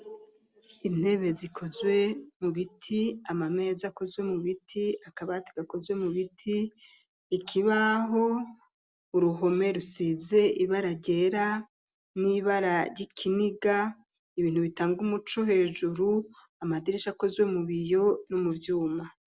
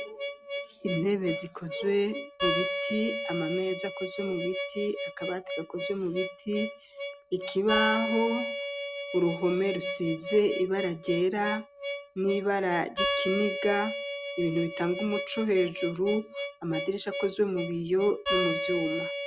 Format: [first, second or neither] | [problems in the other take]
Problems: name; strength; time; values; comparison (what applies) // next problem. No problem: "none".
first | background sound (Harmonica); 5 dB below the speech